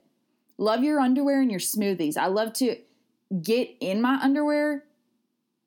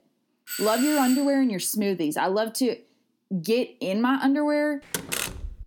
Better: first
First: none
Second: doorbell; noticeable; at 0.5 s; peak 5 dB below the speech // door banging; noticeable; at 5 s; peak 3 dB below the speech

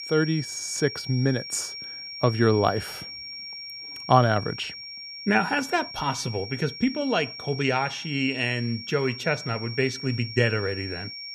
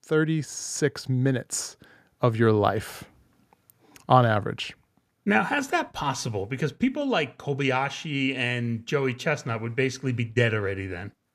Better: second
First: high-pitched whine; loud; throughout; 5.5 kHz, 10 dB below the speech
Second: none

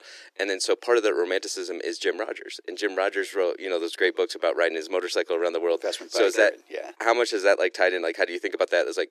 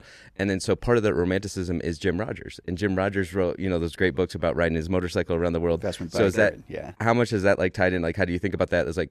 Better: second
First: thin; very; fading below 350 Hz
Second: none

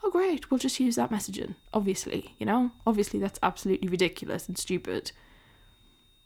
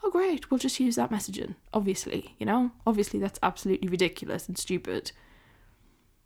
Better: second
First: high-pitched whine; faint; throughout; 3.5 kHz, 35 dB below the speech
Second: none

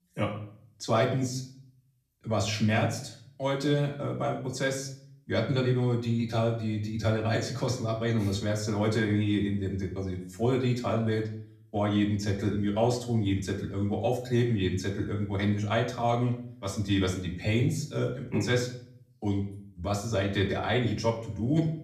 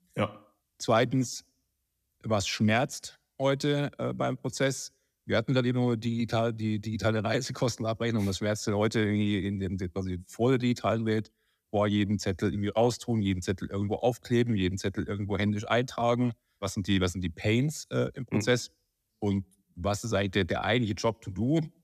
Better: second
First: room echo; slight; dies away in 0.5 s // off-mic speech; far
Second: none

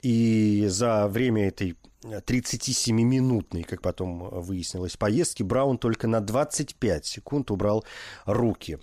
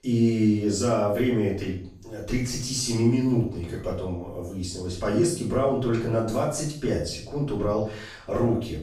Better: first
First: none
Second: room echo; noticeable; dies away in 0.5 s // off-mic speech; far

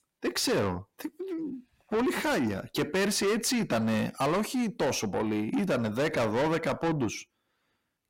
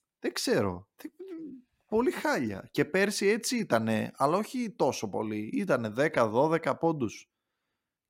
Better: second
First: distortion; heavy; 6 dB below the speech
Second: none

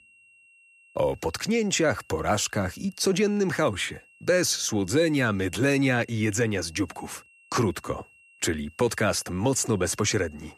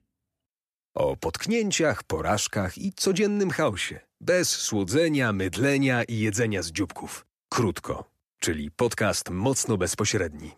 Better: second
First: high-pitched whine; faint; throughout; 2.5 kHz, 30 dB below the speech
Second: none

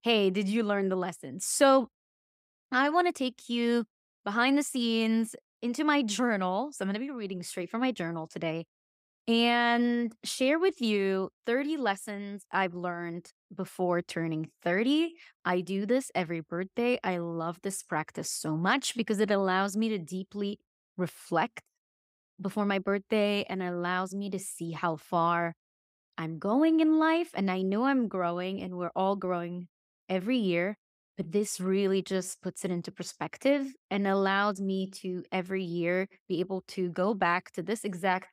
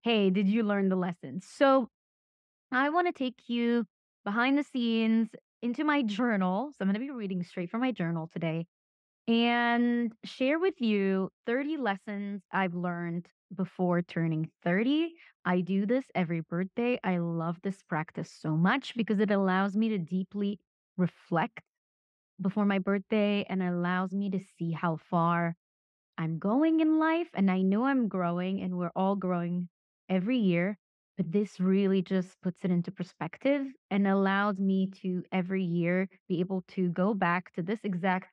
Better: first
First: none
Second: muffled; slightly; fading above 2.5 kHz

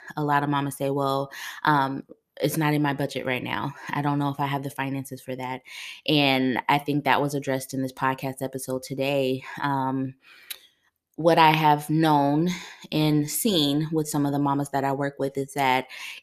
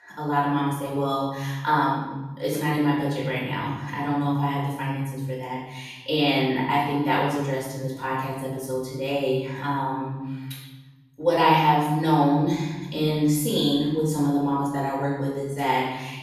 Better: first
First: none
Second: off-mic speech; far // room echo; noticeable; dies away in 1.4 s

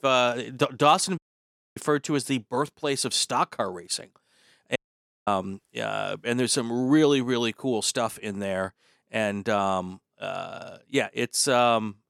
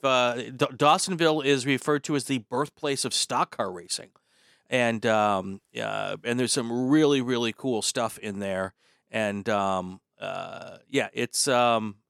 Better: second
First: audio cutting out; at 1 s for 0.5 s and at 5 s for 0.5 s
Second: none

